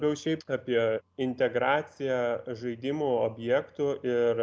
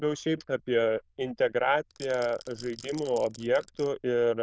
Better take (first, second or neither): first